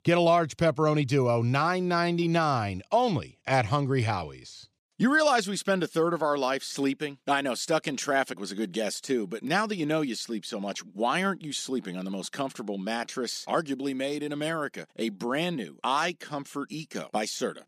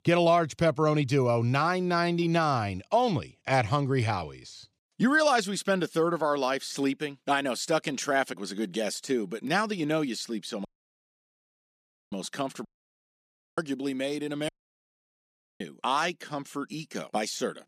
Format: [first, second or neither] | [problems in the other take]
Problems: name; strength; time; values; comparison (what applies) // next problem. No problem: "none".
first | audio cutting out; at 11 s for 1.5 s, at 13 s for 1 s and at 14 s for 1 s